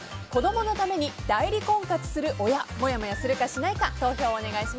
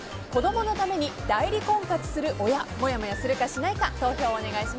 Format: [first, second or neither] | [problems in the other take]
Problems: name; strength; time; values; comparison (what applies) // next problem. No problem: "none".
first | background sound (Train); 14 dB below the speech